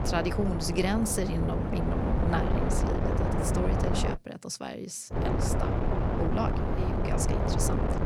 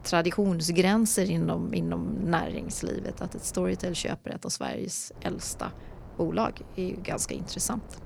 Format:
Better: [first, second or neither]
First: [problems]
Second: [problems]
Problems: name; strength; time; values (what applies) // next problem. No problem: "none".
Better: second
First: wind noise on the microphone; heavy; until 4 s and from 5 s on; 1 dB above the speech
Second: wind noise on the microphone; occasional gusts; until 4 s and from 5 s on; 20 dB below the speech